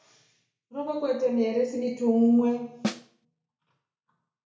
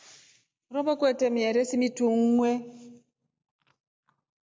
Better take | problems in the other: second | background sound (Snare drum); 4 dB below the speech // room echo; dies away in 0.6 s

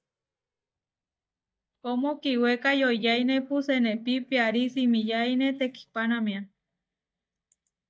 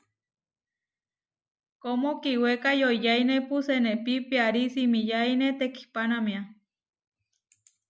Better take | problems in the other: second | noise reduction (neural mask model DeepFilterNet 3)

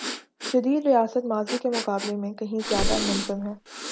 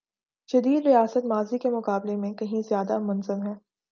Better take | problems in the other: second | background sound (Breathing + Whoosh, swoosh, swish); 6 dB below the speech

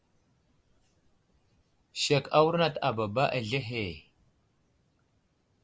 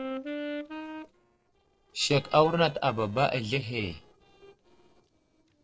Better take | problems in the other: first | noise reduction (neural separator model SepFormer DNS4)

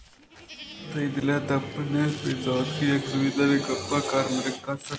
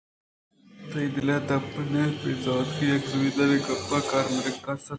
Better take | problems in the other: second | background sound (Tearing + Livestock, farm animals, working animals); 20 dB below the speech

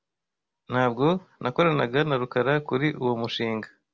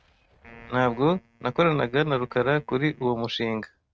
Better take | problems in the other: first | noise reduction (neural mask model RNNoise)

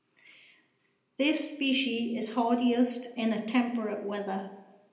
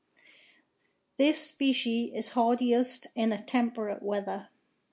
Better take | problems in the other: second | room echo; dies away in 0.8 s

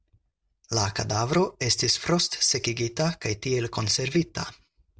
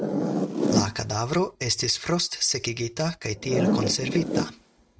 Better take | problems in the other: first | background sound (Zipper (clothing)); 1 dB below the speech

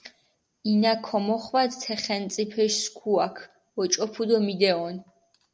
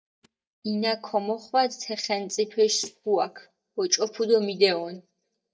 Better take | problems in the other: first | noise reduction (neural mask model DeepFilterNet 3)

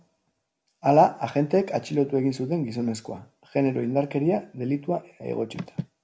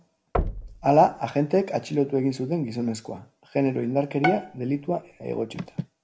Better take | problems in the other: first | background sound (Knock + Bowed string instrument); 9 dB below the speech

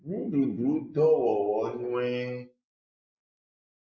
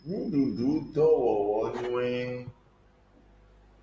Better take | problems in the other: second | noise reduction (neural mask model Resemble Enhance denoiser)

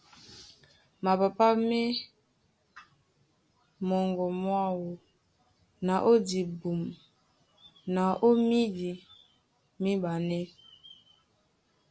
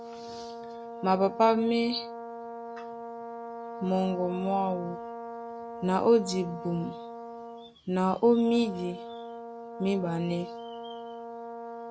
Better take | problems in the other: first | background sound (Brass instrument); 10 dB below the speech

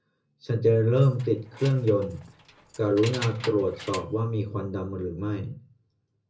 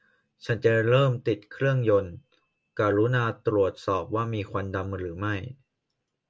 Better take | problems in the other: second | background sound (Keys jangling); 17 dB below the speech // room echo; dies away in 0.4 s

